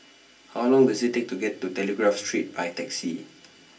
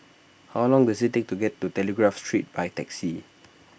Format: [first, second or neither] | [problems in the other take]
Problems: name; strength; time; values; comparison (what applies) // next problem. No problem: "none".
second | room echo; dies away in 0.3 s